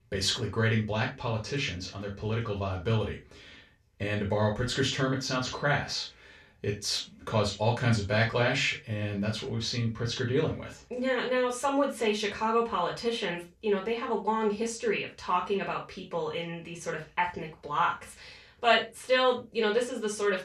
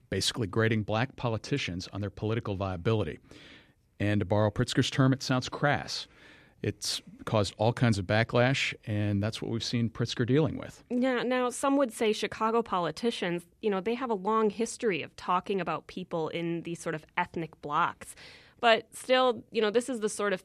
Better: second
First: room echo; slight; dies away in 0.2 s // off-mic speech; far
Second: none

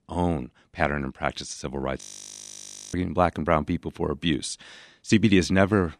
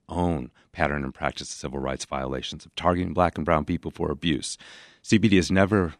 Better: second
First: audio freezing; at 2 s for 1 s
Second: none

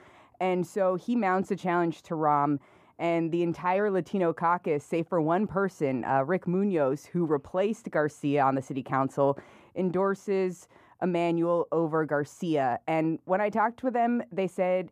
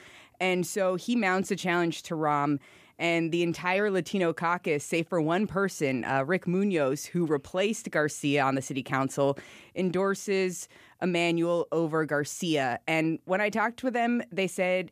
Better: second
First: muffled; slightly; fading above 1.5 kHz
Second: none

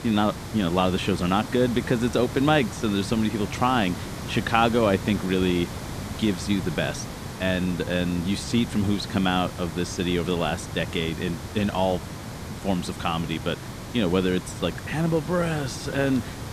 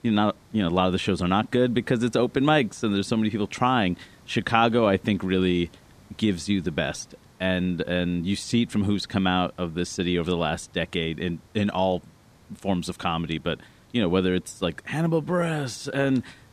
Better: second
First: hiss; loud; throughout; 10 dB below the speech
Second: hiss; faint; throughout; 30 dB below the speech

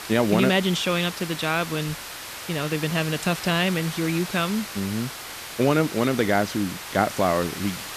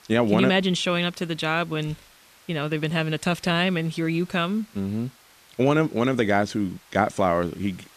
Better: second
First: hiss; loud; throughout; 9 dB below the speech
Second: hiss; faint; throughout; 25 dB below the speech

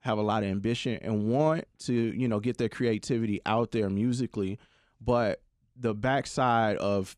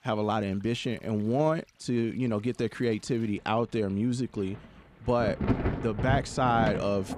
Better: first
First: none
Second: rain or running water; loud; throughout; 3 dB below the speech

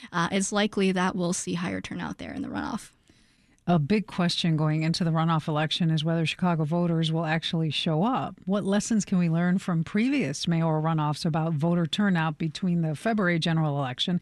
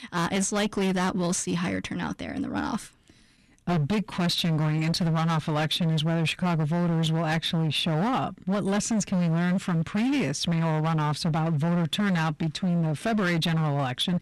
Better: first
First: none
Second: distortion; slight; 26% of the sound clipped

